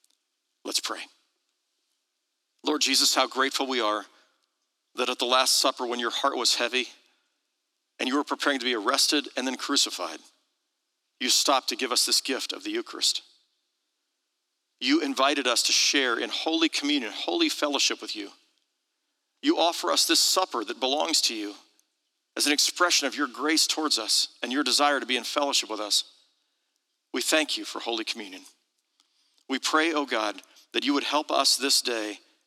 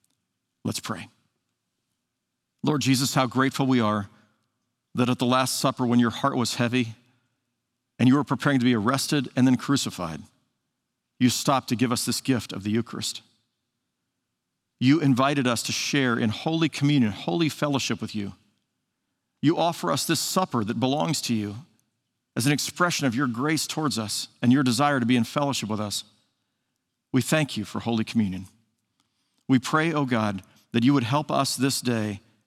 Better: second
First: thin; somewhat; fading below 300 Hz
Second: none

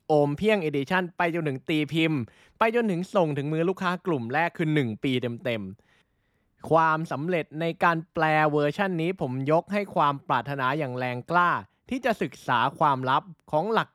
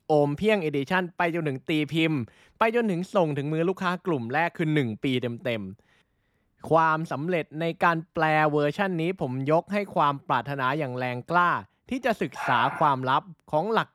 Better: first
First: none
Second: dog barking; noticeable; at 12 s; peak 5 dB below the speech

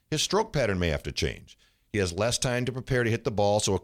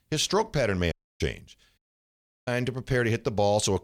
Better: first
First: none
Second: audio cutting out; at 1 s and at 2 s for 0.5 s

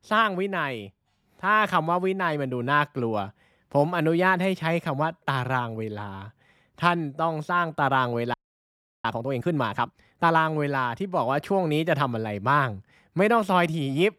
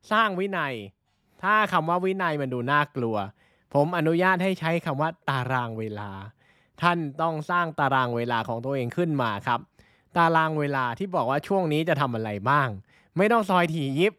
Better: second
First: audio freezing; at 8.5 s for 0.5 s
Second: none

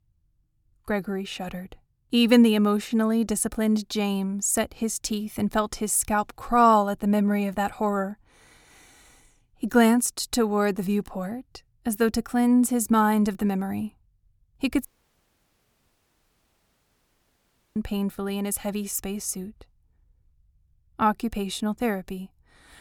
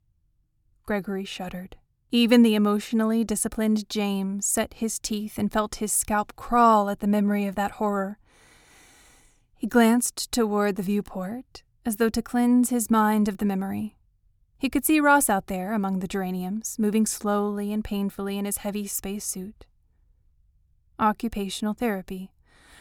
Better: second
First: audio cutting out; at 15 s for 3 s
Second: none

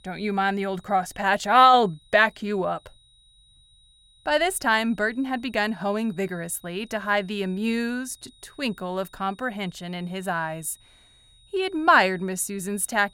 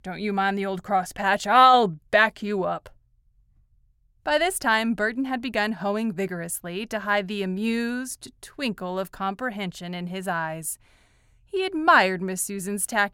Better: second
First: high-pitched whine; faint; throughout; 4 kHz, 30 dB below the speech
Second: none

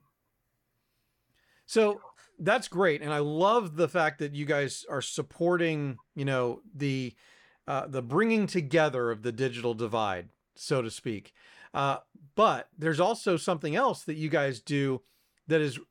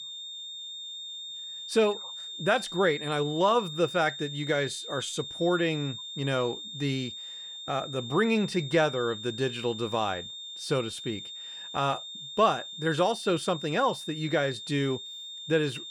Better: first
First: none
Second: high-pitched whine; loud; throughout; 3.5 kHz, 9 dB below the speech

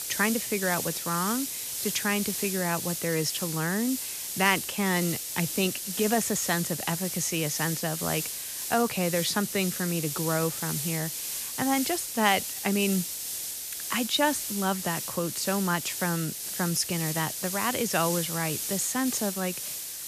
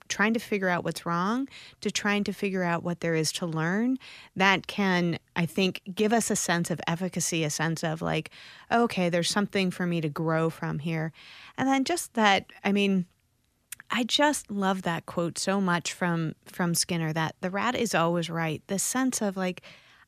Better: second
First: hiss; loud; throughout; 3 dB below the speech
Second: none

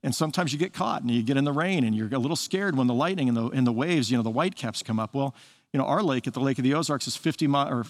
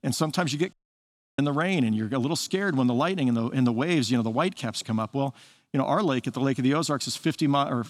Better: first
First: none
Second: audio cutting out; at 0.5 s for 0.5 s

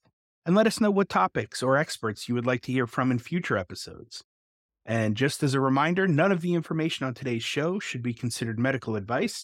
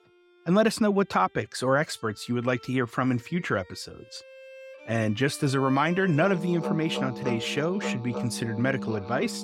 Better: first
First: none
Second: background music; loud; throughout; 10 dB below the speech

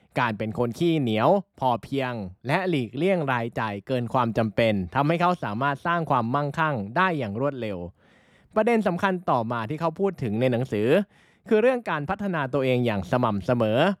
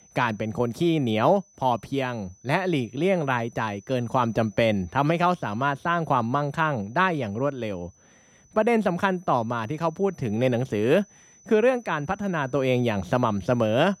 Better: first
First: none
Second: high-pitched whine; faint; throughout; 6 kHz, 30 dB below the speech

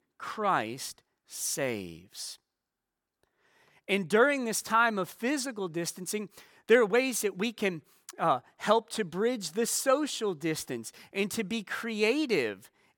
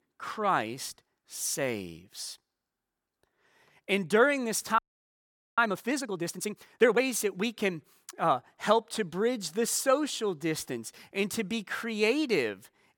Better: first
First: none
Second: audio freezing; at 5 s for 1 s

